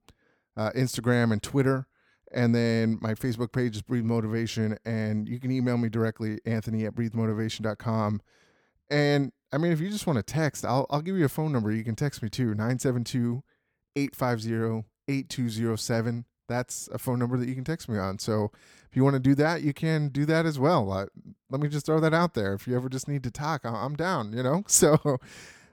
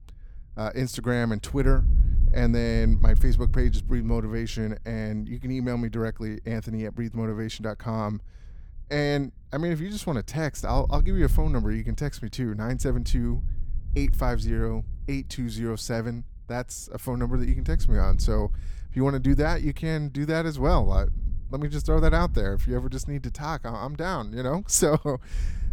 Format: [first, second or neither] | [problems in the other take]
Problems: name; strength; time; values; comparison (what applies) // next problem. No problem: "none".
first | wind noise on the microphone; occasional gusts; 20 dB below the speech